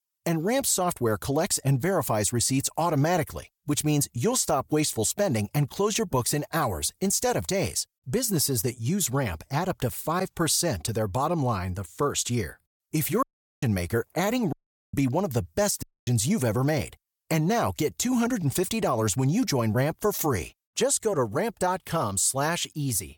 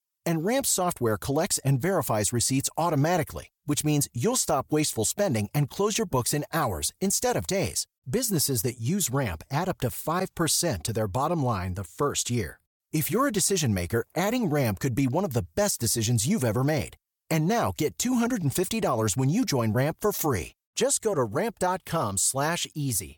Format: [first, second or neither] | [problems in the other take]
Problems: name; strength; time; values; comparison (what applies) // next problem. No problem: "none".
second | audio cutting out; at 13 s, at 15 s and at 16 s